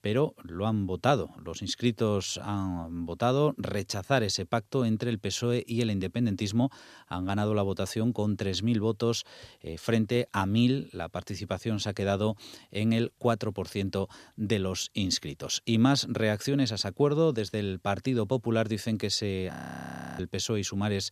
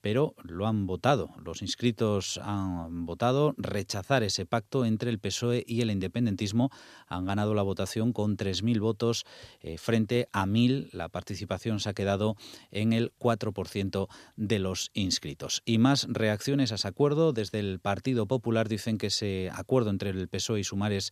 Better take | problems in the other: second | audio freezing; at 20 s for 0.5 s

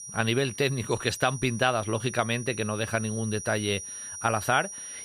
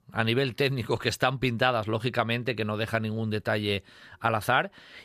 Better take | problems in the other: second | high-pitched whine; noticeable; throughout; 6 kHz, 10 dB below the speech

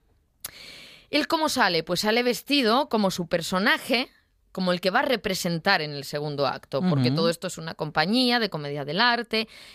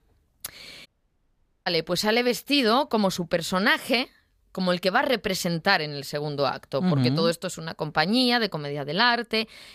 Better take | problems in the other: first | audio cutting out; at 1 s for 1 s

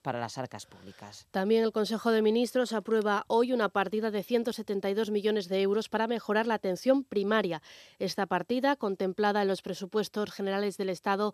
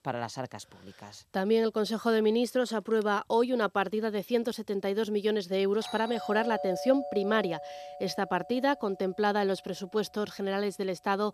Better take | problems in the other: first | doorbell; noticeable; from 6 to 9.5 s; peak 7 dB below the speech

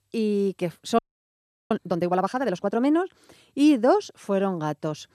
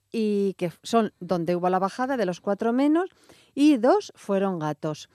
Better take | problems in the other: second | audio freezing; at 1 s for 0.5 s

